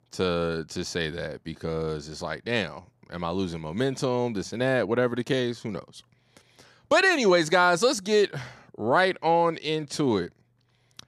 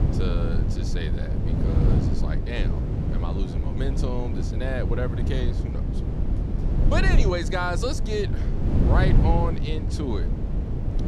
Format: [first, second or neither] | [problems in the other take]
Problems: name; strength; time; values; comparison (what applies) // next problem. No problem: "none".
first | low rumble; loud; throughout; 5 dB below the speech